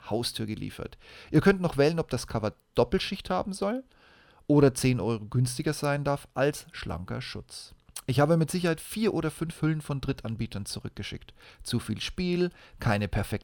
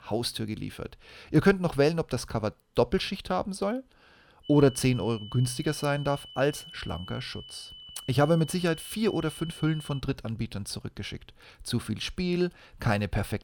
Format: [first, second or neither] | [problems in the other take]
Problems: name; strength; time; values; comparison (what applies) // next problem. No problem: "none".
first | high-pitched whine; noticeable; from 4.5 to 10 s; 3 kHz, 15 dB below the speech